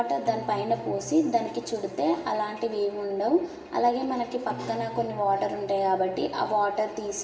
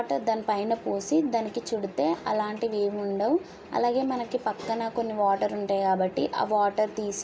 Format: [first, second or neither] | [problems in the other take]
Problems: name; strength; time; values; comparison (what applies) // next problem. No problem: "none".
second | background sound (Acoustic guitar); 17 dB below the speech // room echo; dies away in 2.7 s